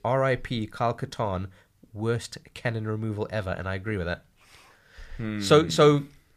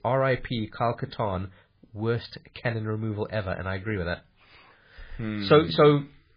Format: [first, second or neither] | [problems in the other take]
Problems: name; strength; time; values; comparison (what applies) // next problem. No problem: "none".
first | garbled, watery; badly; nothing above 4 kHz